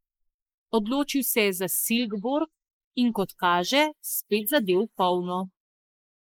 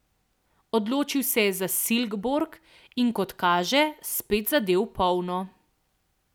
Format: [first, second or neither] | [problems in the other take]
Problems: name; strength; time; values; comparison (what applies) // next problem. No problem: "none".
second | noise reduction (neural mask model Resemble Enhance denoiser)